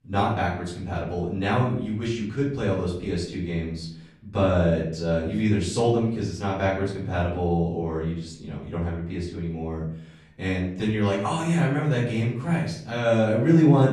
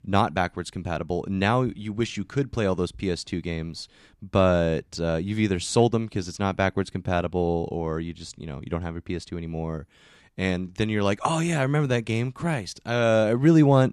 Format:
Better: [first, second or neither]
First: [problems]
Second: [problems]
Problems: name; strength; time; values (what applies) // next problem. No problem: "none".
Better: second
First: off-mic speech; far // room echo; noticeable; dies away in 0.6 s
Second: none